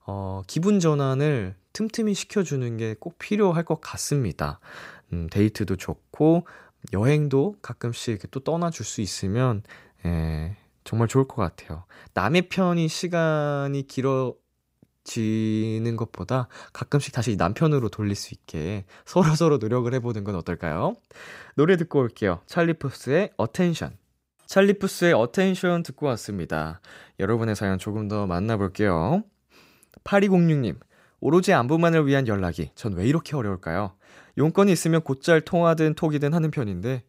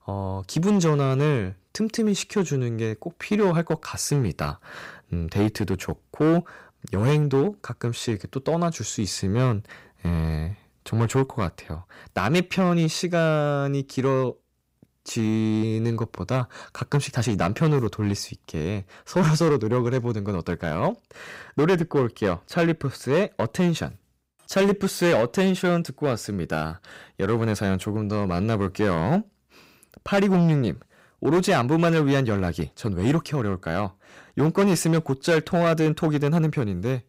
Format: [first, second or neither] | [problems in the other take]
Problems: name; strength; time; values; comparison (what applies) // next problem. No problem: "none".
first | distortion; slight; 6% of the sound clipped